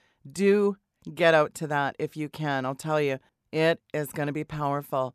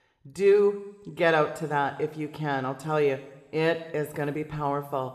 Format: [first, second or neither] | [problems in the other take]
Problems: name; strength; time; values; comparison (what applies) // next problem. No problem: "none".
first | room echo; slight; dies away in 1.7 s